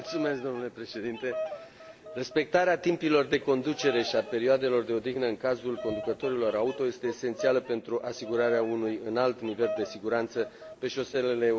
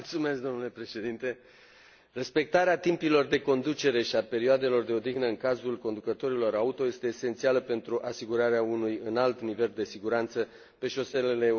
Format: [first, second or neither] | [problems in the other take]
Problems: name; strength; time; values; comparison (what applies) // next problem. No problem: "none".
second | background sound (Bird vocalization, bird call, bird song); 13 dB below the speech